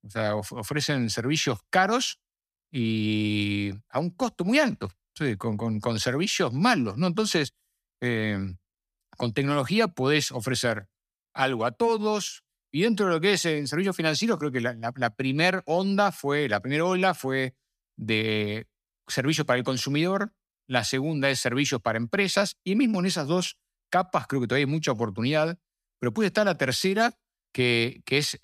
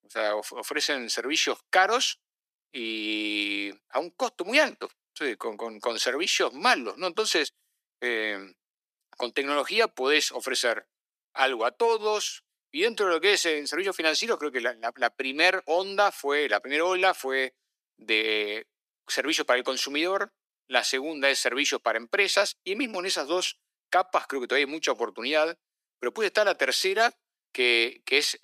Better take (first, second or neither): first